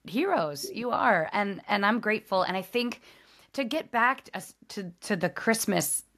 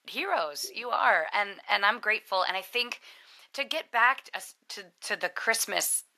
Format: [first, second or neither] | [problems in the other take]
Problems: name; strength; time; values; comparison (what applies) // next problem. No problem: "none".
first | thin; very; fading below 650 Hz